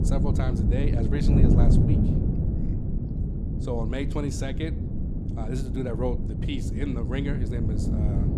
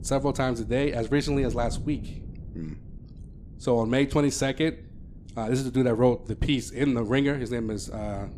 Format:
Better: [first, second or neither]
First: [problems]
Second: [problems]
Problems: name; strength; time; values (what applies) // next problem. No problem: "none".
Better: second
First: wind noise on the microphone; heavy; 1 dB below the speech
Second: wind noise on the microphone; occasional gusts; 25 dB below the speech